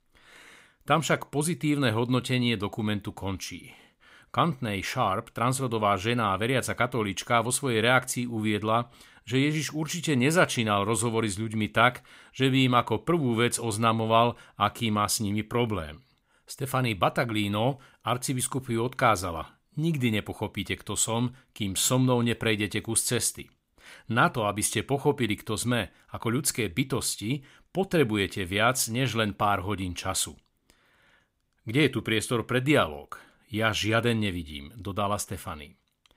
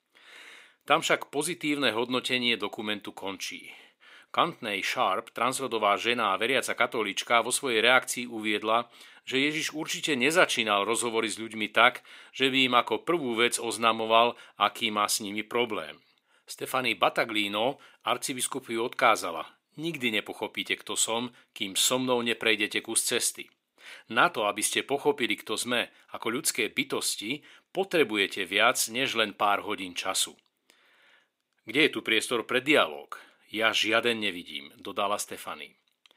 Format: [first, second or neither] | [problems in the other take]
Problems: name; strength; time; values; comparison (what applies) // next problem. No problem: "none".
first | thin; somewhat; fading below 350 Hz